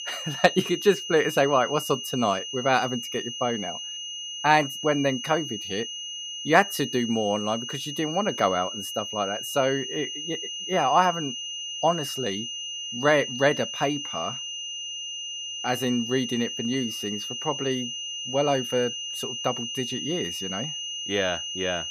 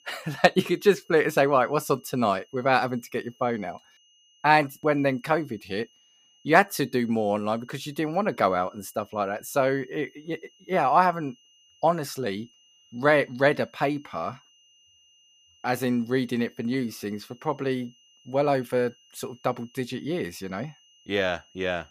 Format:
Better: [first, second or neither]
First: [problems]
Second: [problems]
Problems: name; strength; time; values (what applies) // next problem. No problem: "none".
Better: second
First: high-pitched whine; loud; throughout; 3 kHz, 5 dB below the speech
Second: high-pitched whine; faint; throughout; 3 kHz, 30 dB below the speech